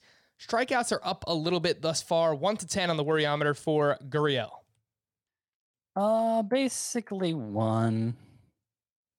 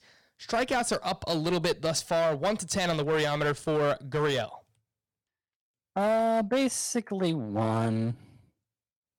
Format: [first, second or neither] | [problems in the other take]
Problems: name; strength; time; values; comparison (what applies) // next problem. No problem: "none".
first | distortion; slight; 9% of the sound clipped